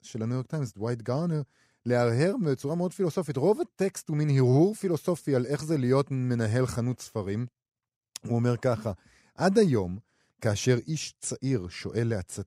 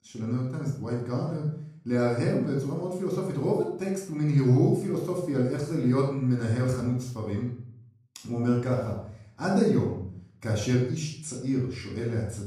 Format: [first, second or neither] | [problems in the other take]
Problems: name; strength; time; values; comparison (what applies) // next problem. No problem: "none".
first | off-mic speech; somewhat distant // room echo; noticeable; dies away in 0.5 s